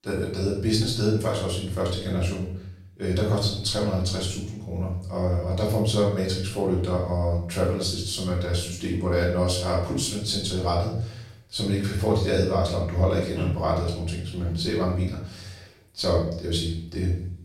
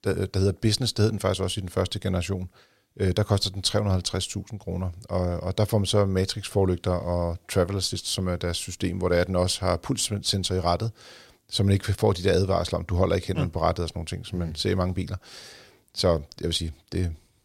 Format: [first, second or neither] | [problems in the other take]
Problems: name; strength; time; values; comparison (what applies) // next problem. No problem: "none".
second | off-mic speech; far // room echo; noticeable; dies away in 0.6 s